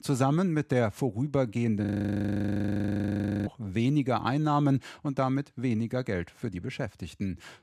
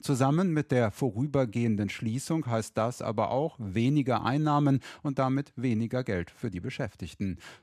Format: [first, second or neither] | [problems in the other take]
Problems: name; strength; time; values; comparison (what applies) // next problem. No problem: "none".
second | audio freezing; at 2 s for 1.5 s